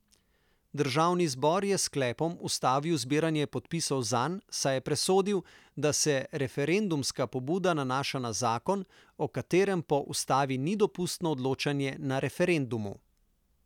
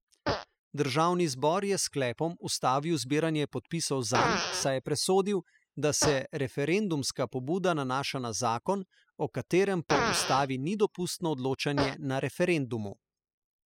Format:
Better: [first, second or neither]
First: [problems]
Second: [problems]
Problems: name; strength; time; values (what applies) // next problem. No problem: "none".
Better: first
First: none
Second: noise reduction (classical method spectral subtraction)